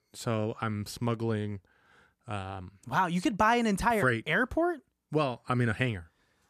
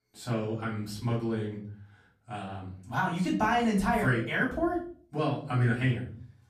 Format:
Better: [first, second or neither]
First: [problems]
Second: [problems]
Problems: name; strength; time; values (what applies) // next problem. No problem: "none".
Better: first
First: none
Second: room echo; slight; dies away in 0.5 s // off-mic speech; far